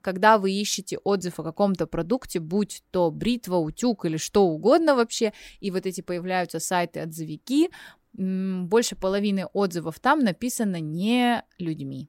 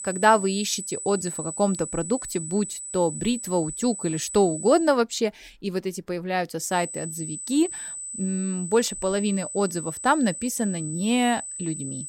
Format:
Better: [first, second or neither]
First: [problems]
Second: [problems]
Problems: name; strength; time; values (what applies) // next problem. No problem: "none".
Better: first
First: none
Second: high-pitched whine; loud; until 5 s and from 6.5 s on; 8 kHz, 8 dB below the speech